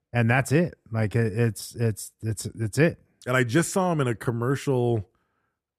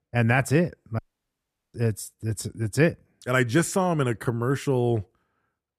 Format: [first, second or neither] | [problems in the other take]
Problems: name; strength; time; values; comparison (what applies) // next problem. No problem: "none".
first | audio cutting out; at 1 s for 1 s